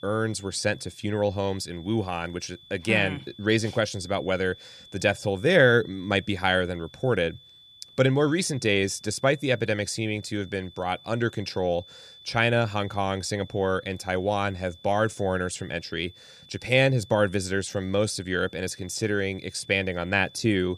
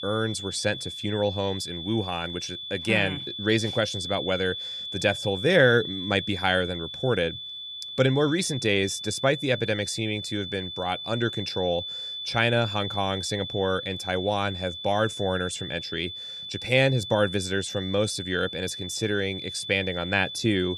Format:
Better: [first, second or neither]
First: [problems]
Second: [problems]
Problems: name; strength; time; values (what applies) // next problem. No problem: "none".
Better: first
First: high-pitched whine; faint; throughout; 3.5 kHz, 20 dB below the speech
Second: high-pitched whine; loud; throughout; 3.5 kHz, 7 dB below the speech